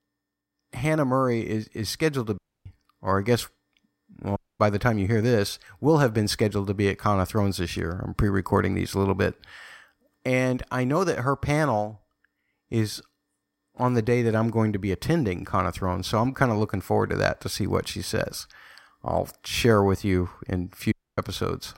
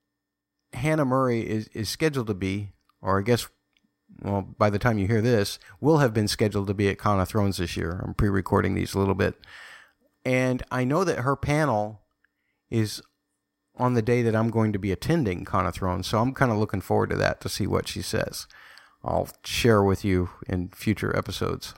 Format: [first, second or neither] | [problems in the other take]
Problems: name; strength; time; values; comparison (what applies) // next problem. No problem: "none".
second | audio cutting out; at 2.5 s, at 4.5 s and at 21 s